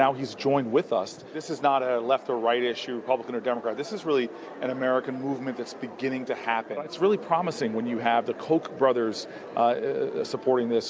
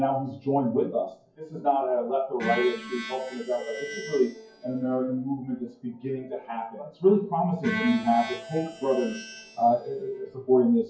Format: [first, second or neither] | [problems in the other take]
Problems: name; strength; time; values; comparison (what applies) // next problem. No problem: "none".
first | noise reduction (classical method WPE with log-MMSE)